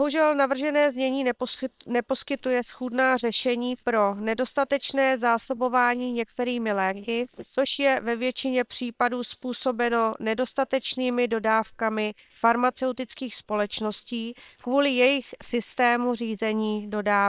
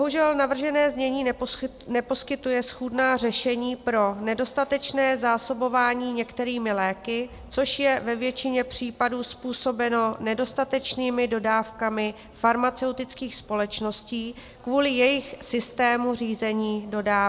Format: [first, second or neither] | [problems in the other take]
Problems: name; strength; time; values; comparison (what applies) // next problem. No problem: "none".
second | noise reduction (neural separator model SepFormer WHAM!)